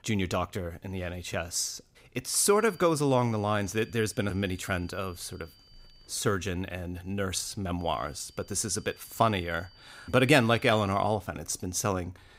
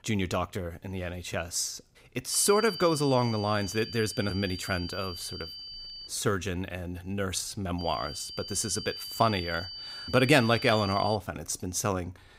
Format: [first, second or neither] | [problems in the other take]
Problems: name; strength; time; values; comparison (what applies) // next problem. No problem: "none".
first | high-pitched whine; loud; from 2.5 to 6 s and from 8 to 11 s; 4.5 kHz, 9 dB below the speech; faint in the first